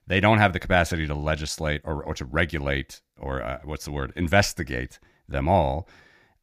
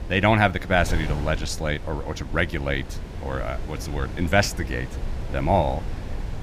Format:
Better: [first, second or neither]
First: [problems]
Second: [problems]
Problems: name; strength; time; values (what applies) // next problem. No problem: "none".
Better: first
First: none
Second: wind noise on the microphone; occasional gusts; 15 dB below the speech